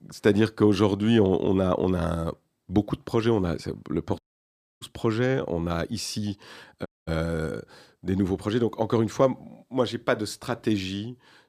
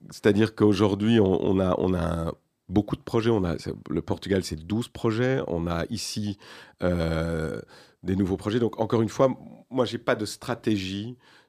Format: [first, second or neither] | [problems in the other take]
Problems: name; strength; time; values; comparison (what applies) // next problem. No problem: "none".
second | audio cutting out; at 4 s for 0.5 s and at 7 s